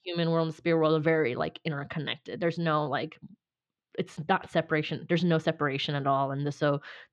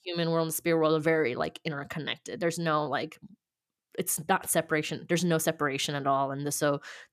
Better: second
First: muffled; slightly; fading above 4 kHz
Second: none

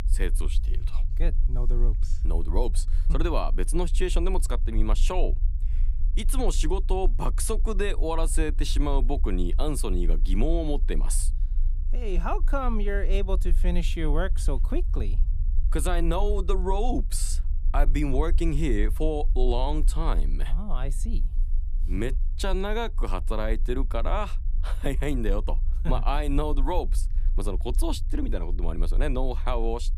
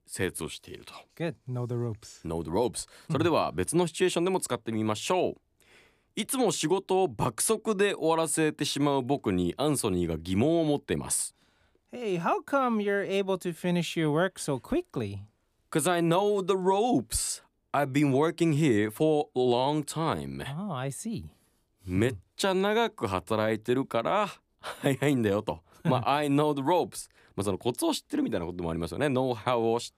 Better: second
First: low rumble; faint; throughout; 20 dB below the speech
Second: none

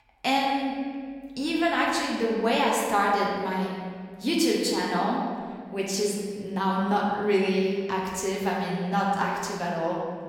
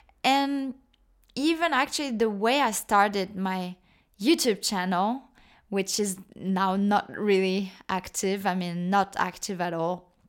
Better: second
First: room echo; noticeable; dies away in 1.7 s // off-mic speech; far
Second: none

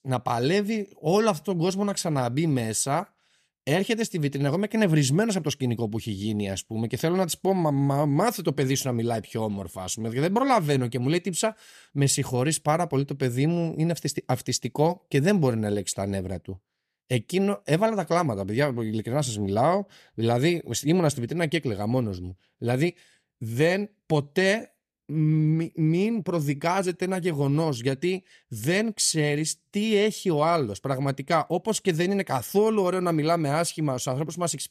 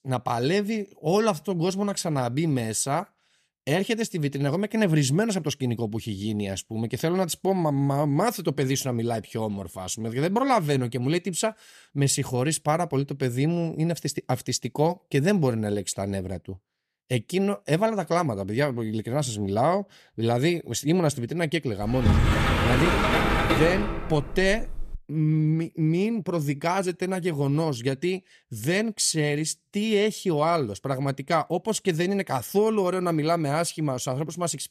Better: first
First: none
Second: door banging; loud; from 22 to 25 s; peak 4 dB above the speech

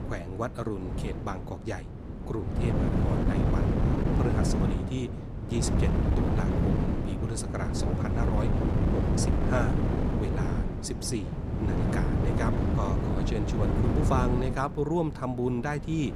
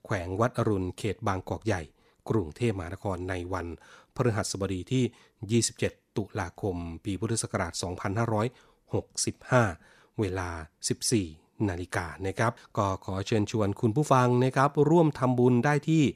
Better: second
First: wind noise on the microphone; heavy; 1 dB above the speech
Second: none

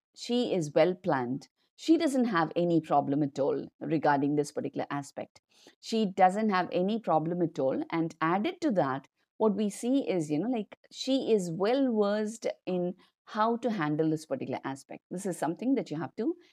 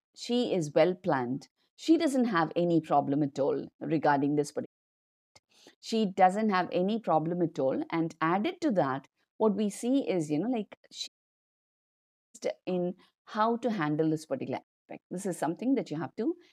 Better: first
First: none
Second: audio cutting out; at 4.5 s for 0.5 s, at 11 s for 1.5 s and at 15 s

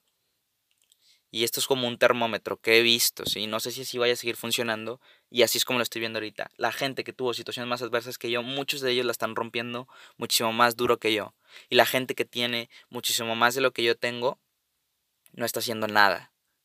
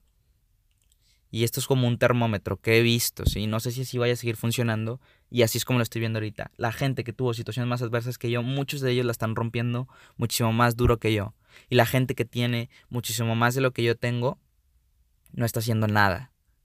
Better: second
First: thin; somewhat; fading below 350 Hz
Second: none

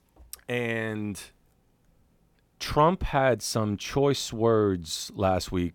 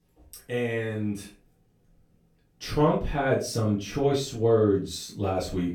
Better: first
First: none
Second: off-mic speech; far // room echo; slight; dies away in 0.3 s

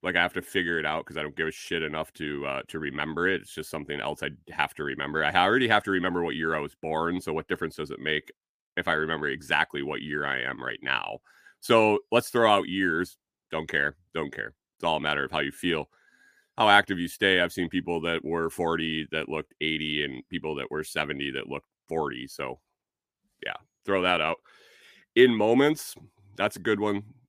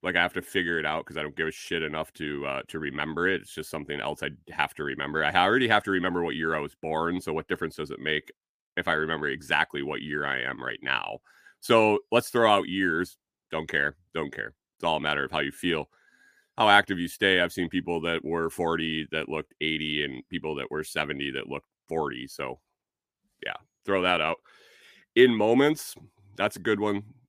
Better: neither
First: none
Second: none

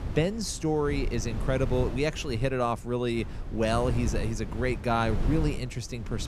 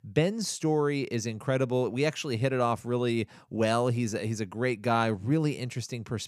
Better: second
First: wind noise on the microphone; occasional gusts; 15 dB below the speech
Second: none

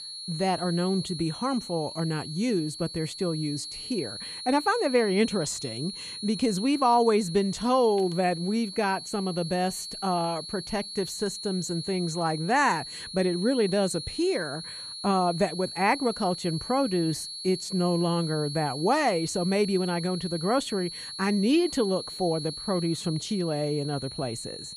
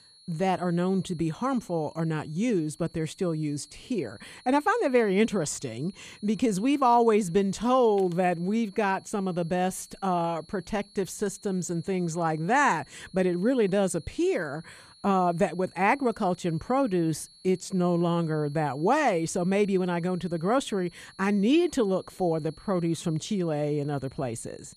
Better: second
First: high-pitched whine; loud; throughout; 4.5 kHz, 9 dB below the speech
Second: high-pitched whine; faint; throughout; 4.5 kHz, 25 dB below the speech

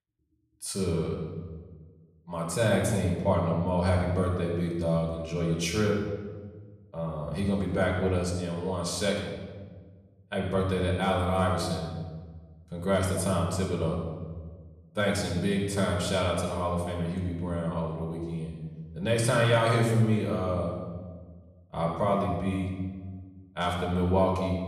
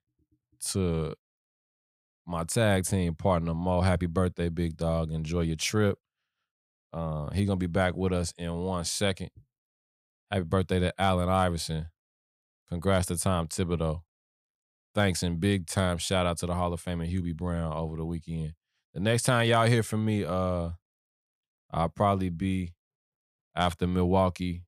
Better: second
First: room echo; noticeable; dies away in 1.2 s // off-mic speech; far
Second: none

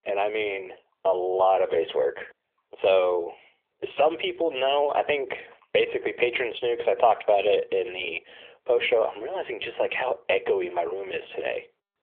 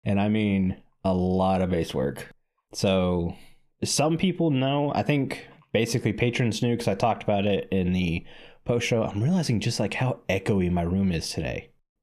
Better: second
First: phone-call audio; nothing above 3.5 kHz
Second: none

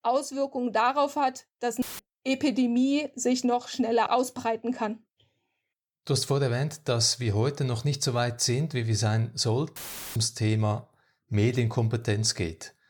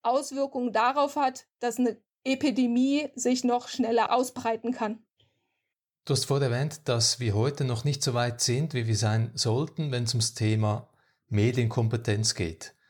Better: second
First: audio cutting out; filled with static; at 2 s and at 10 s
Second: none

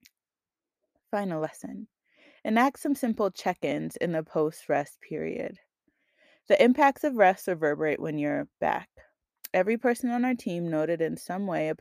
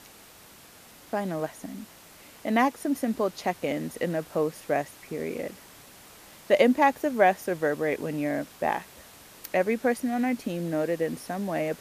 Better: first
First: none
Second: hiss; faint; throughout; 20 dB below the speech

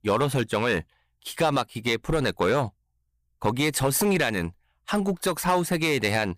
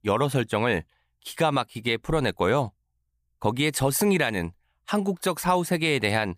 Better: second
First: distortion; slight; 5% of the sound clipped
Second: none

